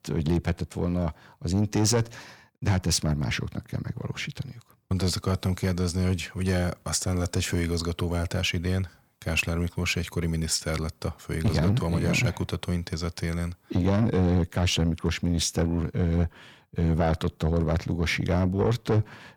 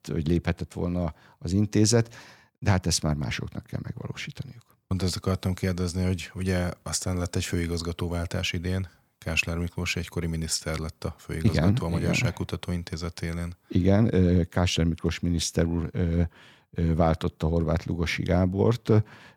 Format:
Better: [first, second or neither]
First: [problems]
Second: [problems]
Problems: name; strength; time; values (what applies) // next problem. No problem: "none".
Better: second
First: distortion; slight; 10 dB below the speech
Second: none